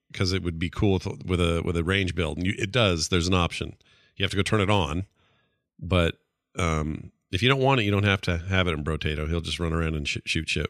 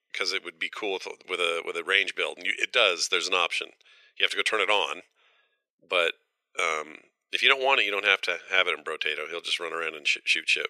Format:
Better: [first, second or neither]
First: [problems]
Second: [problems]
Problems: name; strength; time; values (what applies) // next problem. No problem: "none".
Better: first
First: none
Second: thin; very; fading below 450 Hz